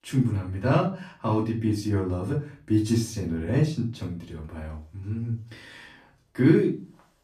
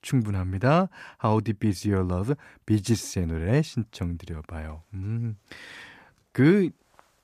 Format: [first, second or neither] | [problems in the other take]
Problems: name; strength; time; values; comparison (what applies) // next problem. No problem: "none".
second | room echo; slight; dies away in 0.3 s // off-mic speech; far